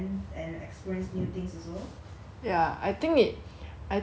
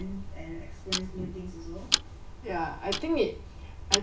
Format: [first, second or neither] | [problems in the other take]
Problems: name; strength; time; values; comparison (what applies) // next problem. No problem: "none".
first | background sound (Tick-tock); as loud as the speech // room echo; dies away in 0.2 s